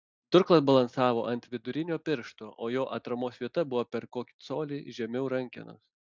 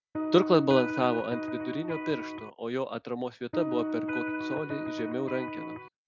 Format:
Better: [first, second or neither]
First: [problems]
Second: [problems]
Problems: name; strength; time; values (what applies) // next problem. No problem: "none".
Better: first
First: none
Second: background sound (Electric guitar); 4 dB below the speech